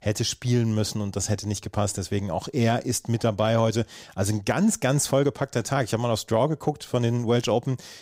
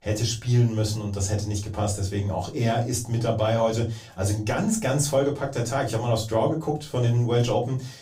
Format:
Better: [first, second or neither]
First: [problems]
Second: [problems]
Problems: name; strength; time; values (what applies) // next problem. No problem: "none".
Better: first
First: none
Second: off-mic speech; far // room echo; very slight; dies away in 0.2 s